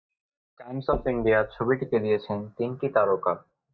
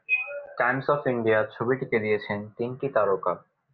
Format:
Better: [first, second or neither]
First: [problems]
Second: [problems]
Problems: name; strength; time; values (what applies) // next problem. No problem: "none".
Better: second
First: noise reduction (neural mask model DeepFilterNet 3)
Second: none